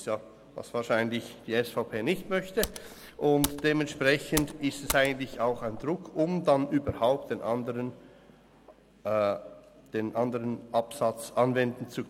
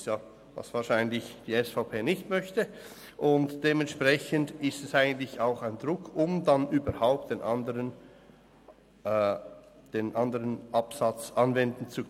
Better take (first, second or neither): second